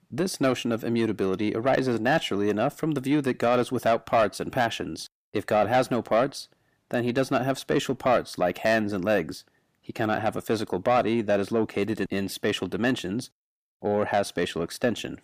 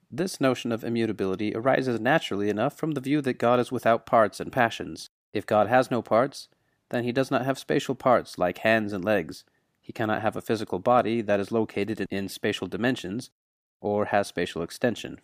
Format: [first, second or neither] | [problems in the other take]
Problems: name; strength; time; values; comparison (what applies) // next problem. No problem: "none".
second | distortion; slight; 10 dB below the speech